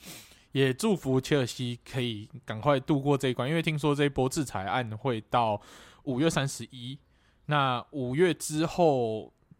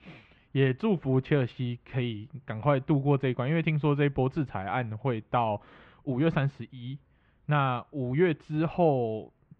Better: first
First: none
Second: muffled; very; fading above 2.5 kHz

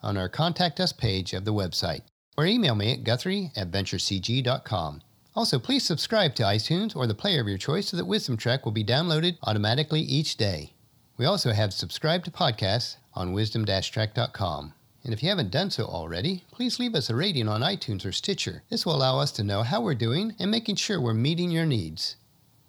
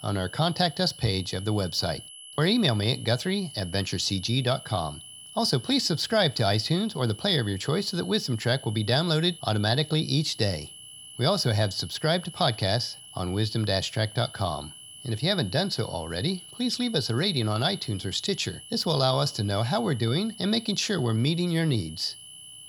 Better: first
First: none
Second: high-pitched whine; noticeable; throughout; 3 kHz, 15 dB below the speech

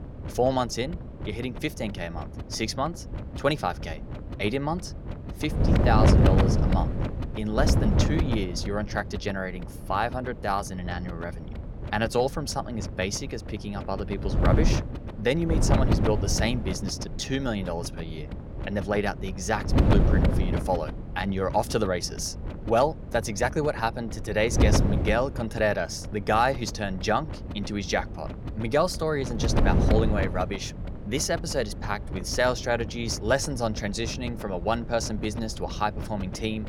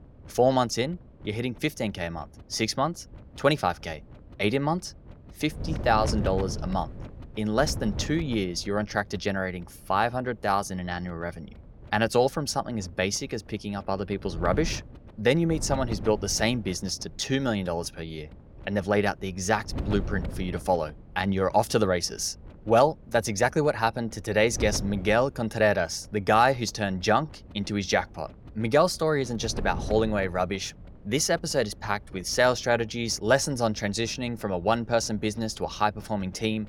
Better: second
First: wind noise on the microphone; heavy; 8 dB below the speech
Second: wind noise on the microphone; occasional gusts; 20 dB below the speech

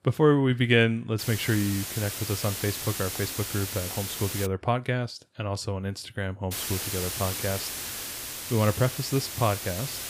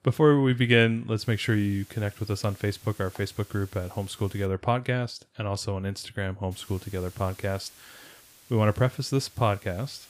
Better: second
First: hiss; loud; from 1 to 4.5 s and from 6.5 s on; 5 dB below the speech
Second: hiss; faint; from 1 to 4.5 s and from 6.5 s on; 25 dB below the speech

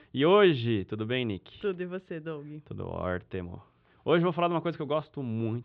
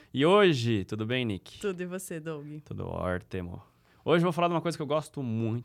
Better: second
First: muffled; very; fading above 3.5 kHz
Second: none

